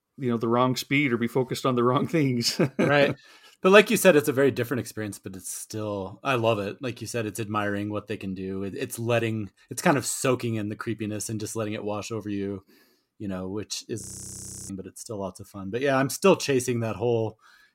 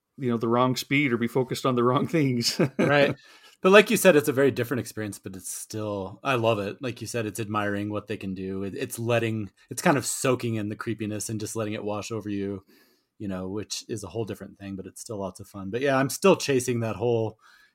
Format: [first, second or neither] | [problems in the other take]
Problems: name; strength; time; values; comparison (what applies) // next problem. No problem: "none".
second | audio freezing; at 14 s for 0.5 s